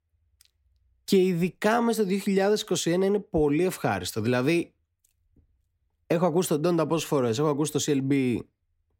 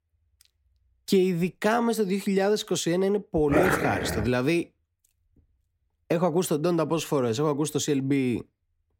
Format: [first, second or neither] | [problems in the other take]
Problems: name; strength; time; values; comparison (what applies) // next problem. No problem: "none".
first | dog barking; loud; at 3.5 s; peak 2 dB above the speech